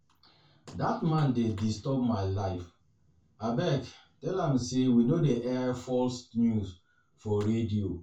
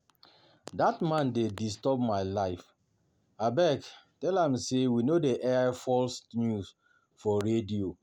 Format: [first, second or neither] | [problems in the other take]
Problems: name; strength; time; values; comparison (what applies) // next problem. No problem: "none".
second | room echo; dies away in 0.2 s